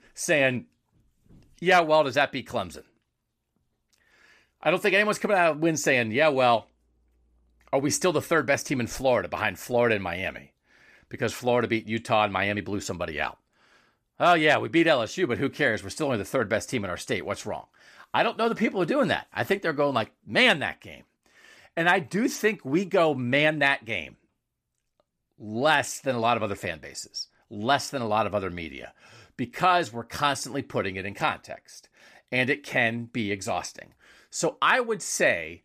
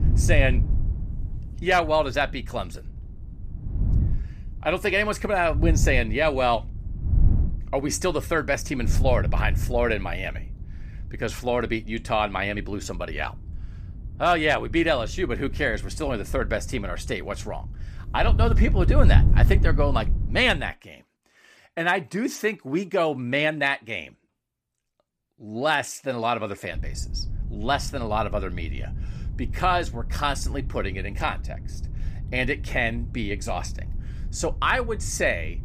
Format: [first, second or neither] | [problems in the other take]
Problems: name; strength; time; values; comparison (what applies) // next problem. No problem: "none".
first | wind noise on the microphone; occasional gusts; until 21 s and from 27 s on; 20 dB below the speech